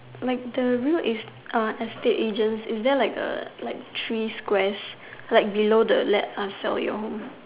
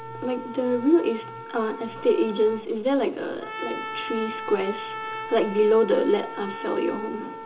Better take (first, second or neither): first